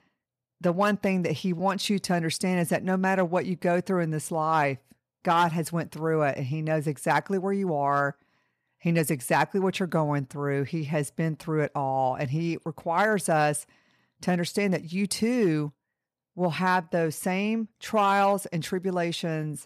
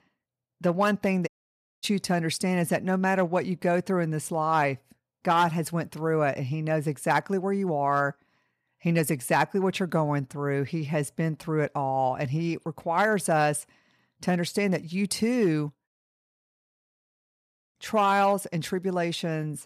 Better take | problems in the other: first | audio cutting out; at 1.5 s for 0.5 s and at 16 s for 2 s

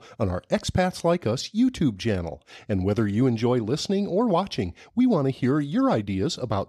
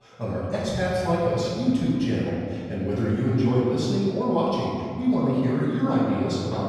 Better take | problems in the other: first | off-mic speech; far // room echo; strong; dies away in 2.1 s

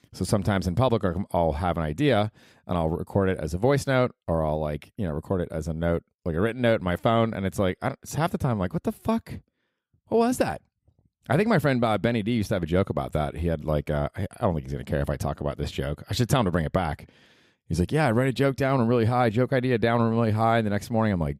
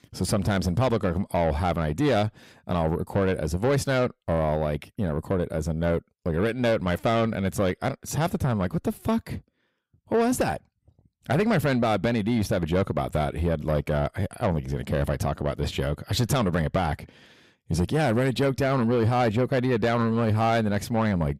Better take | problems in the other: first | distortion; slight; 10 dB below the speech

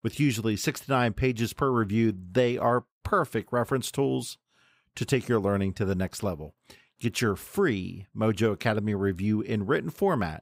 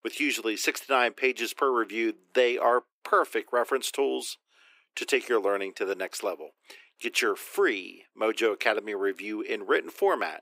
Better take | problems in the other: first | thin; very; fading below 300 Hz

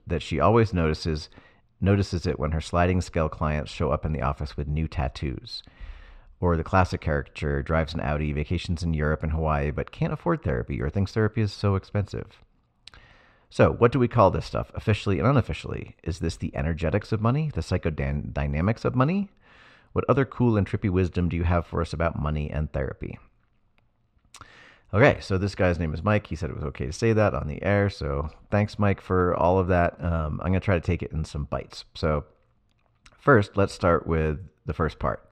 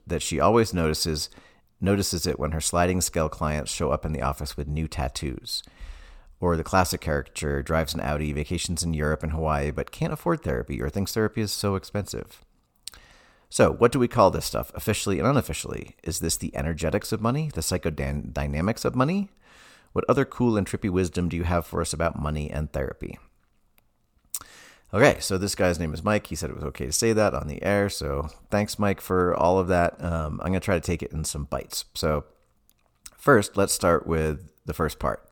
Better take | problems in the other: second | muffled; slightly; fading above 3 kHz

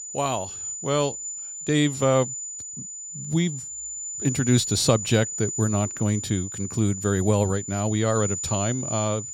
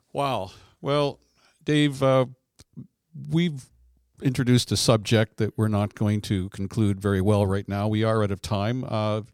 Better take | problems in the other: second | high-pitched whine; loud; throughout; 7 kHz, 6 dB below the speech

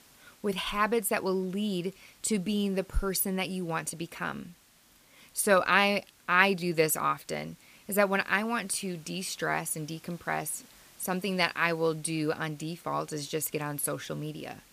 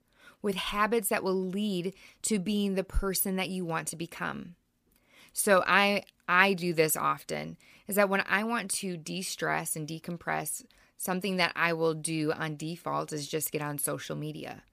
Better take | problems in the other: second | hiss; faint; throughout; 25 dB below the speech

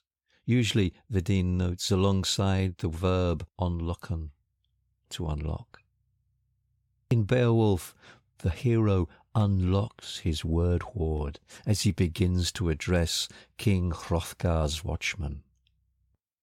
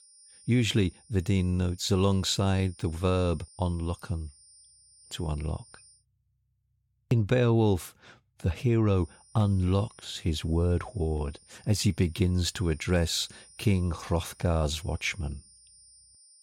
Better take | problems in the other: first | high-pitched whine; faint; until 6 s and from 9 s on; 9 kHz, 25 dB below the speech

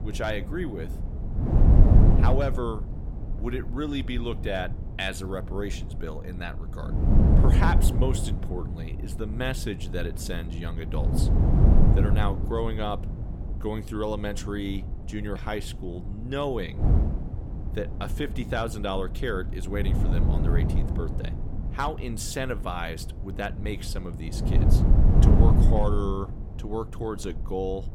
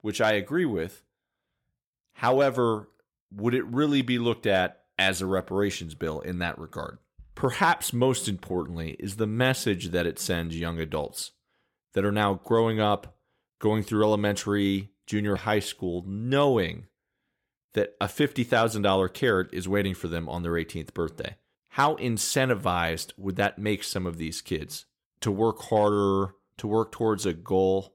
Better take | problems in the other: second | wind noise on the microphone; heavy; 4 dB below the speech

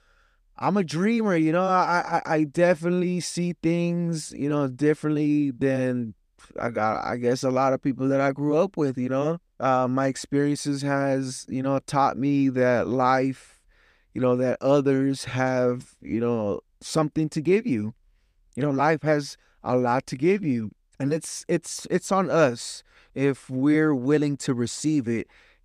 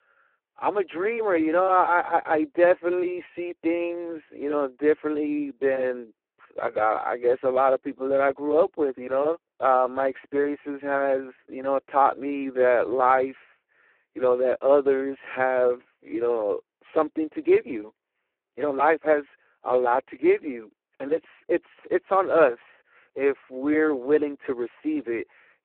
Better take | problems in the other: first | phone-call audio; poor line; nothing above 3.5 kHz

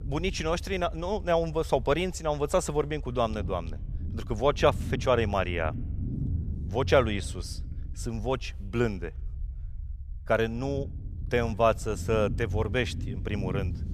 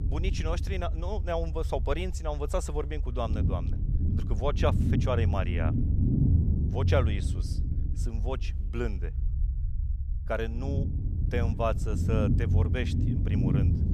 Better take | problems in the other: first | low rumble; loud; throughout; 6 dB below the speech; faint in the first

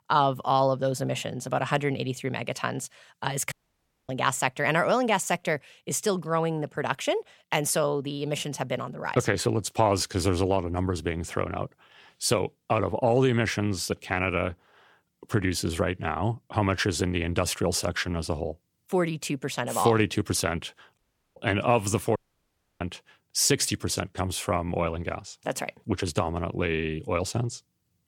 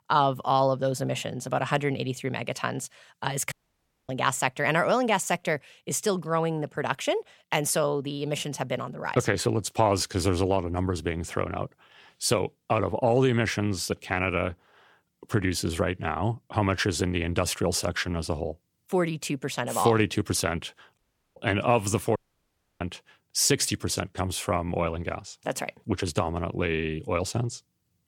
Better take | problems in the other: neither | audio cutting out; at 3.5 s for 0.5 s, at 21 s and at 22 s for 0.5 s; the same in both

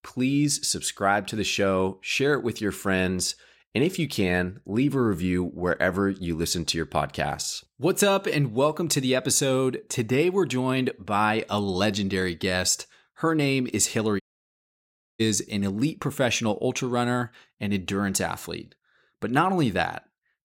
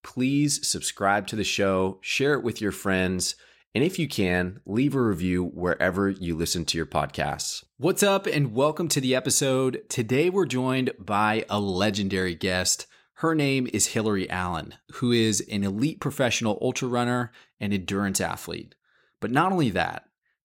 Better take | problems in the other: second | audio cutting out; at 14 s for 1 s

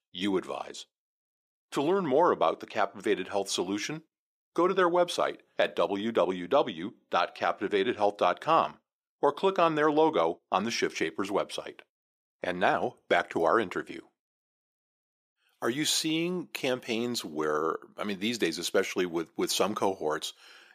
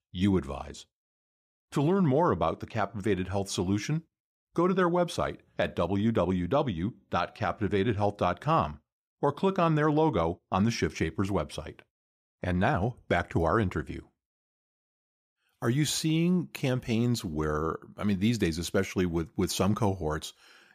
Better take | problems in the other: second | thin; somewhat; fading below 400 Hz

